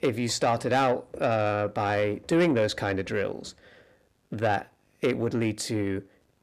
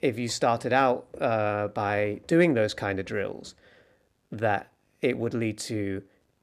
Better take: second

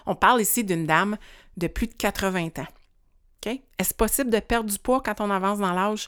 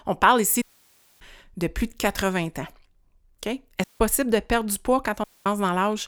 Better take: first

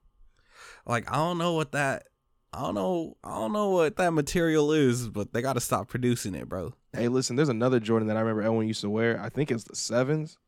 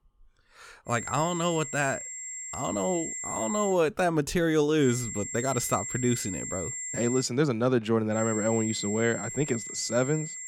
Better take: first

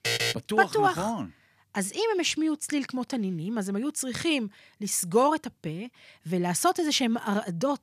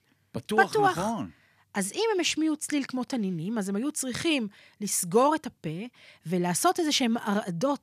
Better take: second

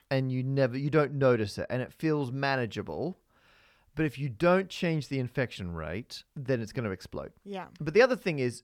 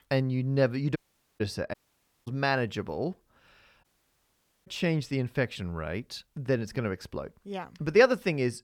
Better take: first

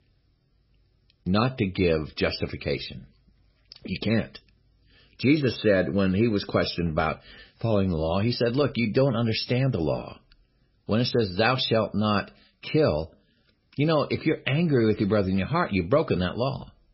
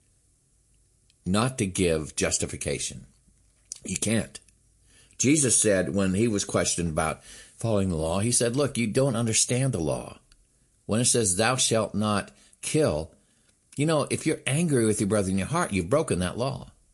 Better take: second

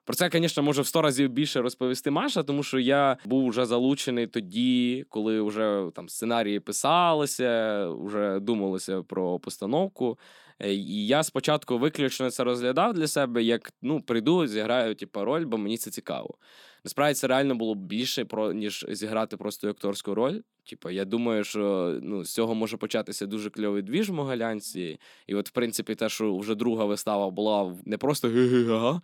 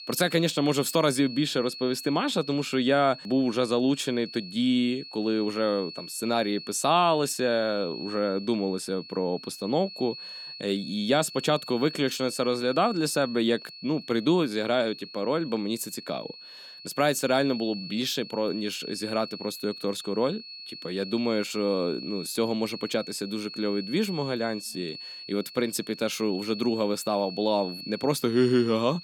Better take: first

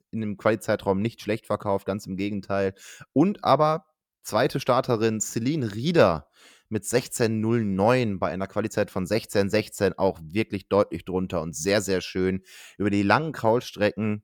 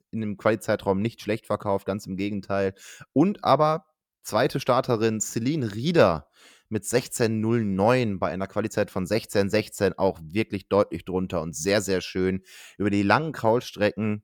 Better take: neither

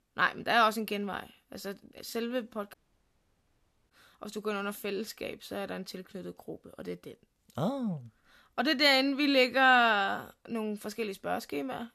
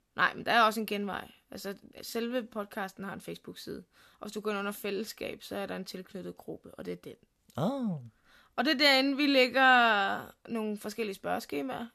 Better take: second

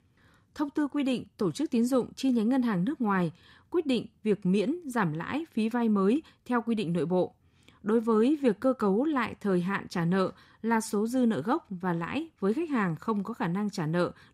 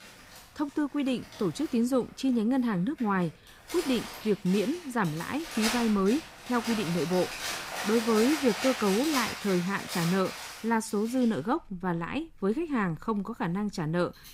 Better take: first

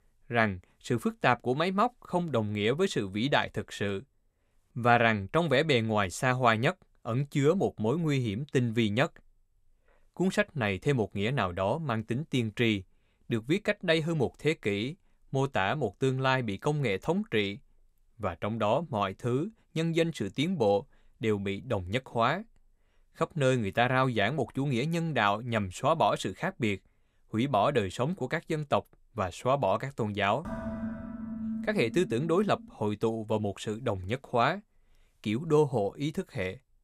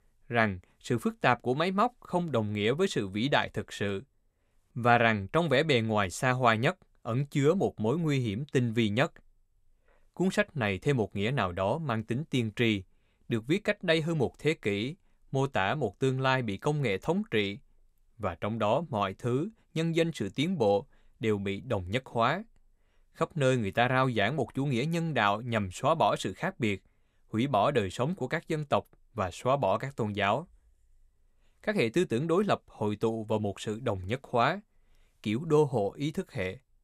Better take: second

